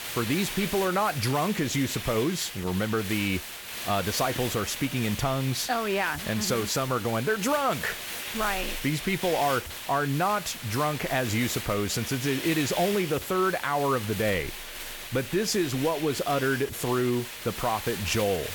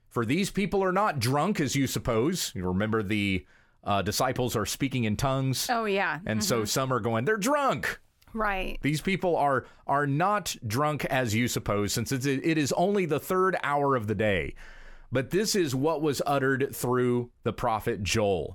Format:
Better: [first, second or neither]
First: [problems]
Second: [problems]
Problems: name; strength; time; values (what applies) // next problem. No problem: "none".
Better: second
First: hiss; loud; throughout; 7 dB below the speech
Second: none